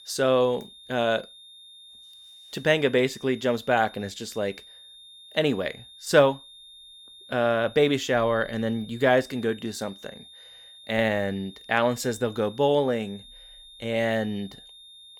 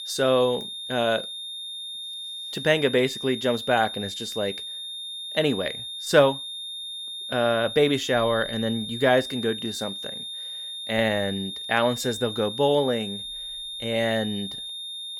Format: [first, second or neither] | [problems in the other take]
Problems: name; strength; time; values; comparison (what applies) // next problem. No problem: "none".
first | high-pitched whine; loud; throughout; 3.5 kHz, 8 dB below the speech; faint in the first